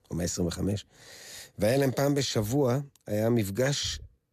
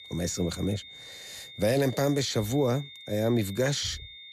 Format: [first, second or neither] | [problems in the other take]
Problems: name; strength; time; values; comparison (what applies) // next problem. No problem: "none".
first | high-pitched whine; noticeable; throughout; 3.5 kHz, 15 dB below the speech